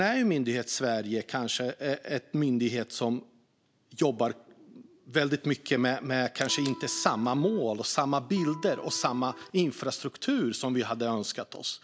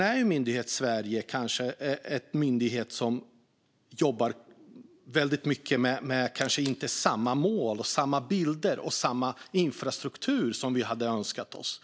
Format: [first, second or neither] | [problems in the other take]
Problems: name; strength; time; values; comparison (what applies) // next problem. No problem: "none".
second | background sound (Electric guitar); 16 dB below the speech